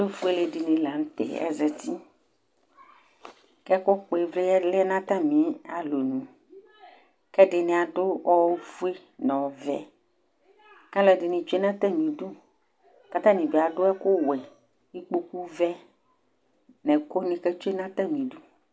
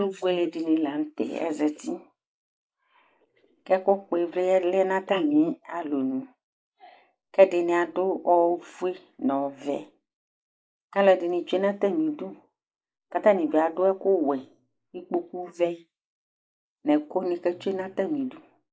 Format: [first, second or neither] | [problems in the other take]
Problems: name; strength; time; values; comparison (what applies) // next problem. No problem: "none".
first | noise reduction (neural mask model Resemble Enhance denoiser)